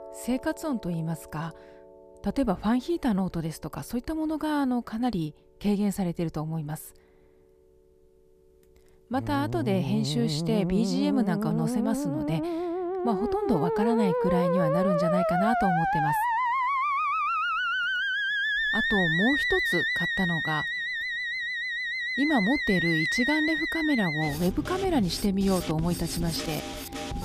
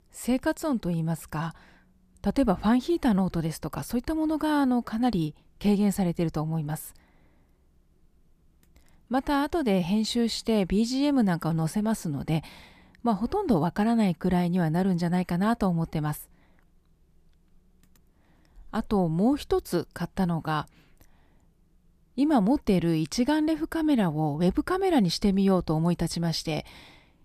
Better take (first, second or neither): second